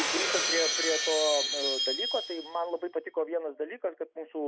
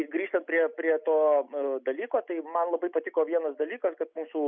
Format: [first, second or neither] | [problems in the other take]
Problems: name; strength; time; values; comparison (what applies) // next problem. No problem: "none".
second | background sound (Shatter); as loud as the speech